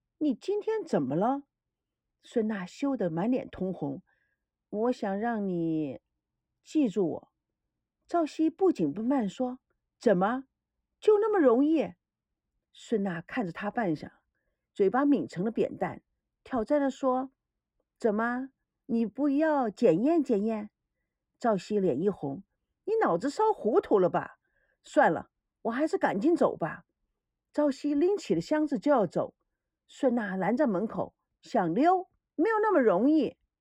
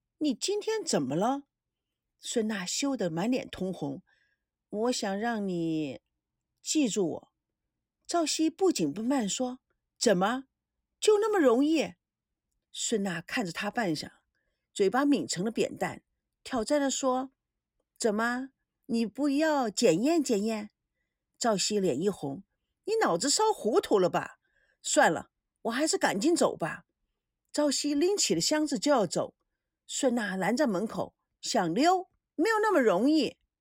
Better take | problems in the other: second | muffled; very; fading above 3 kHz

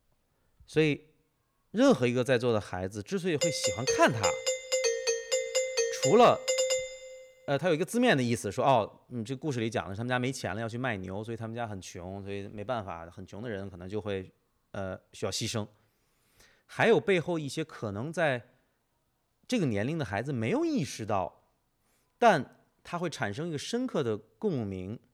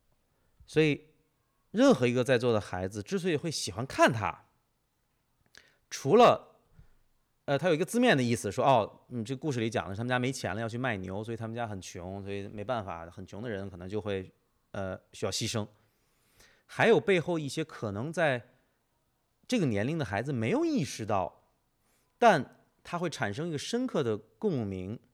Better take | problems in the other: second | doorbell; loud; from 3.5 to 7 s; peak 2 dB above the speech

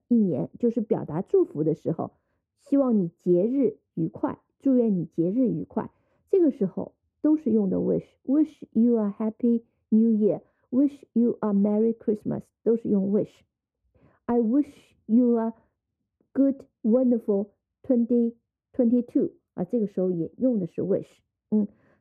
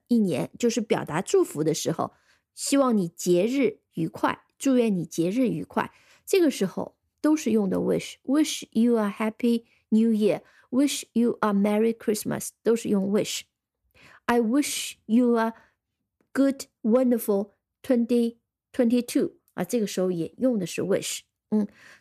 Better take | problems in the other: second | muffled; very; fading above 1.5 kHz

